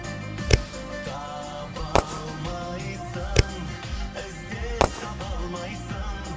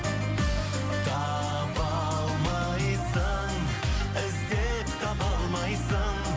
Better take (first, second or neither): second